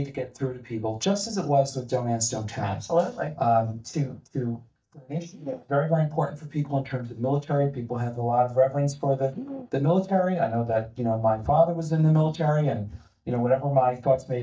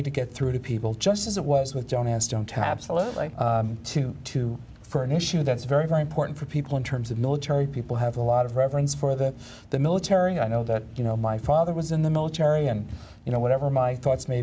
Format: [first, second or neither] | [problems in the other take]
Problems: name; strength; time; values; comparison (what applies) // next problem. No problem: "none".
second | noise reduction (neural mask model DeepFilterNet 3)